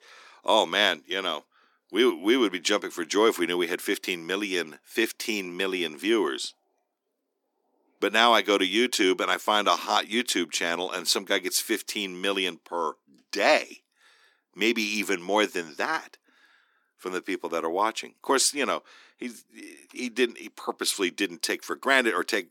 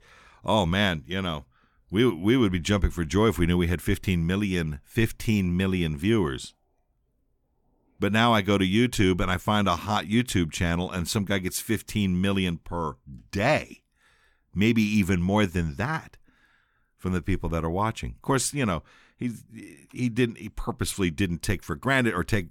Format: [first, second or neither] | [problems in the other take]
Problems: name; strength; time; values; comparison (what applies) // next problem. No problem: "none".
second | thin; somewhat; fading below 300 Hz